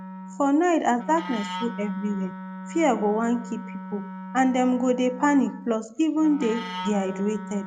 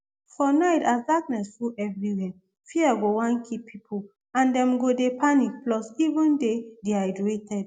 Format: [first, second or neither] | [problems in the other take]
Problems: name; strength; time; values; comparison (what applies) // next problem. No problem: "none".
second | background sound (Wind instrument, woodwind instrument); 12 dB below the speech